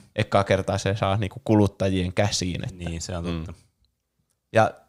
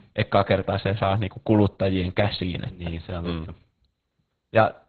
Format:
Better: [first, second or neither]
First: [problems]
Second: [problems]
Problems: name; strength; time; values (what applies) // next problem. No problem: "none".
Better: first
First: none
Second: garbled, watery; badly; nothing above 4 kHz